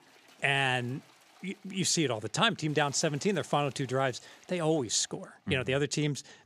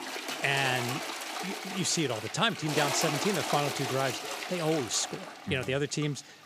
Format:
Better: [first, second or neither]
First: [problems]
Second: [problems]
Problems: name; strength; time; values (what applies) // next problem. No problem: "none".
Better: first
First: household noises; faint; throughout; 25 dB below the speech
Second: household noises; loud; throughout; 4 dB below the speech